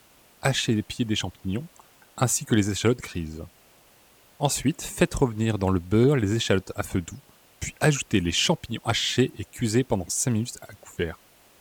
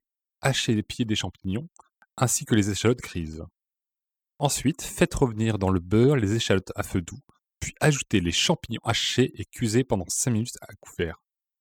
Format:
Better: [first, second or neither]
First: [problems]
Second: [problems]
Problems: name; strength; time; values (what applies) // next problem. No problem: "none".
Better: second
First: hiss; faint; throughout; 30 dB below the speech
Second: none